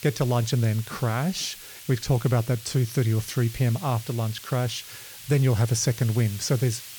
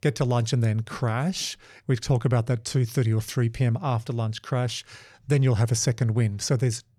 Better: second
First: hiss; noticeable; throughout; 15 dB below the speech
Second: none

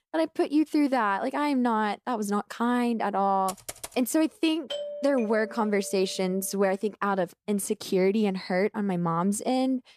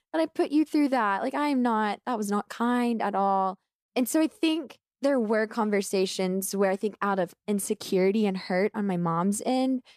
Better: second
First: keyboard typing; faint; at 3.5 s; peak 10 dB below the speech // doorbell; noticeable; from 4.5 to 6.5 s; peak 8 dB below the speech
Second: none

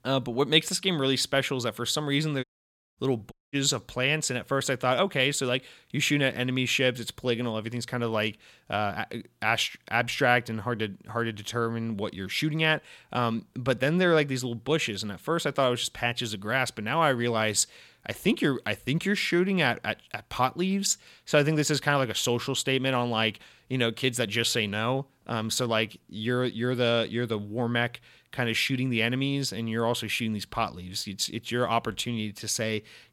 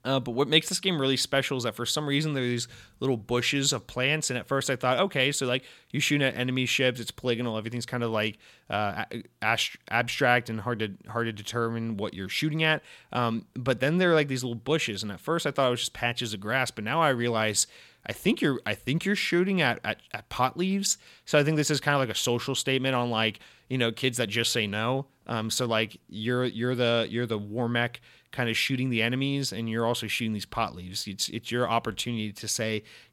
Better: second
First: audio cutting out; at 2.5 s for 0.5 s and at 3.5 s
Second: none

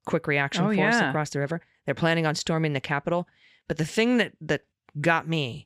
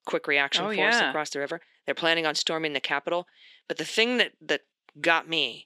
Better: first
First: none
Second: thin; somewhat; fading below 300 Hz

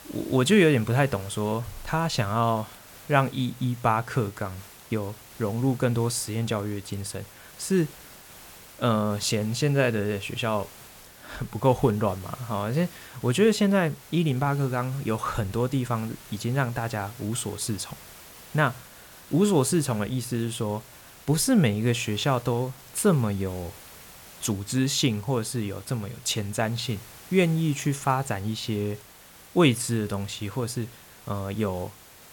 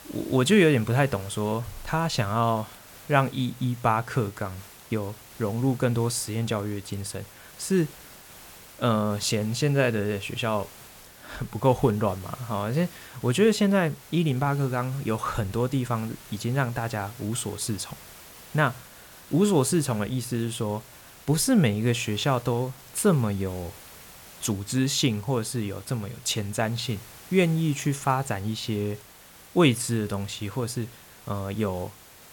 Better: neither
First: hiss; noticeable; throughout; 20 dB below the speech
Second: hiss; noticeable; throughout; 20 dB below the speech

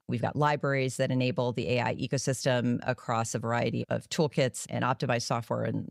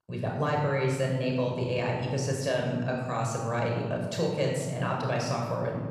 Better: first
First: none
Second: off-mic speech; somewhat distant // room echo; noticeable; dies away in 1.6 s

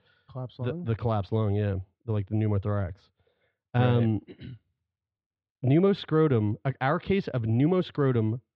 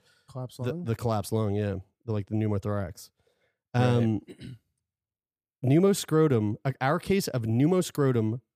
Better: second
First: muffled; very; fading above 3.5 kHz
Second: none

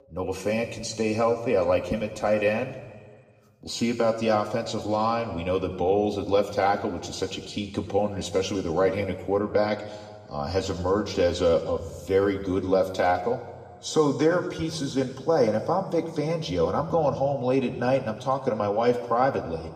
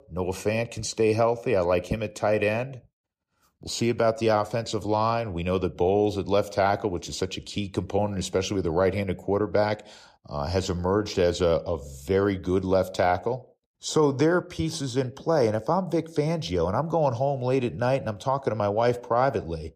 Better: second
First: room echo; slight; dies away in 1.4 s // off-mic speech; somewhat distant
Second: none

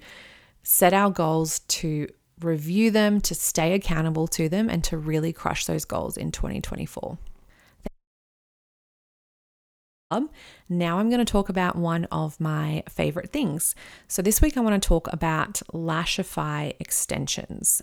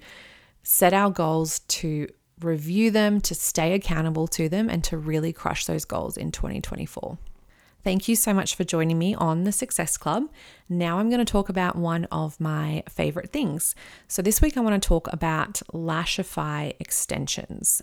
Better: second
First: audio cutting out; at 8 s for 2 s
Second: none

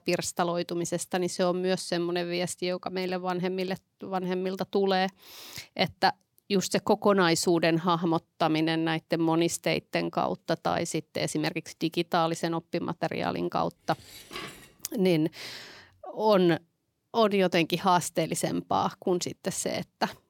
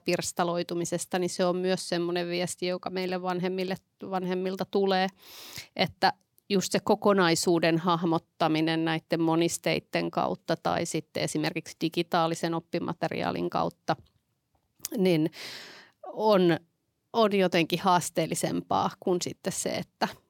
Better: second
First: clattering dishes; faint; at 14 s; peak 10 dB below the speech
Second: none

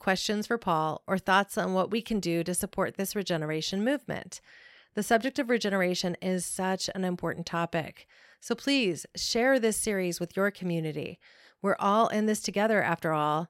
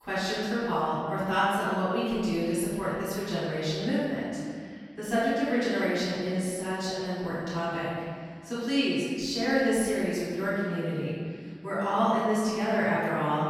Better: first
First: none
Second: off-mic speech; far // room echo; strong; dies away in 1.9 s

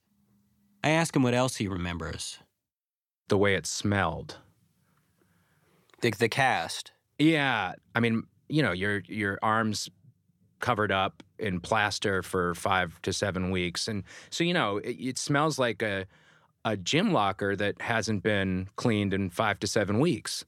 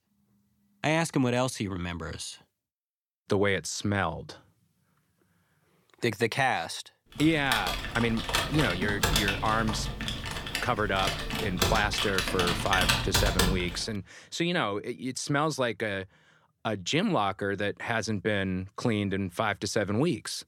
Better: first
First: none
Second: keyboard typing; loud; from 7 to 14 s; peak 5 dB above the speech

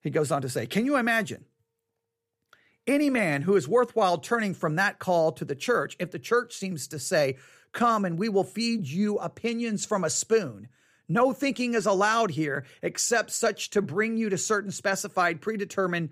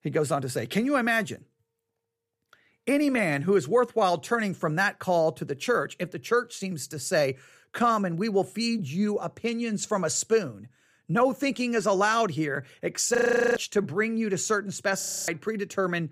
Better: first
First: none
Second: audio freezing; at 13 s and at 15 s

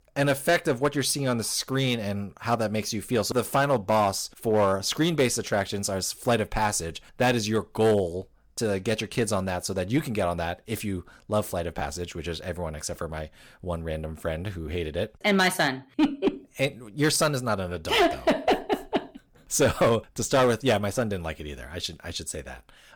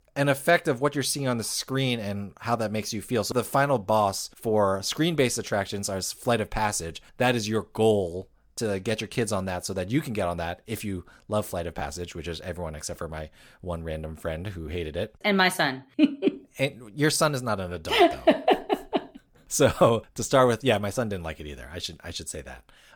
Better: second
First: distortion; slight; 3% of the sound clipped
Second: none

